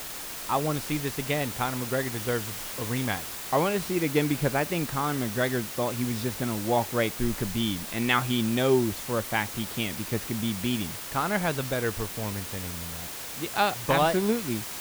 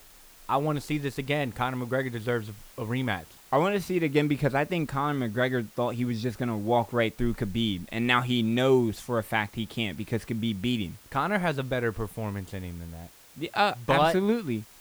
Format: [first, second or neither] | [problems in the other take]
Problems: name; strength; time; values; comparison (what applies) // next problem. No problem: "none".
second | hiss; loud; throughout; 6 dB below the speech; faint in the second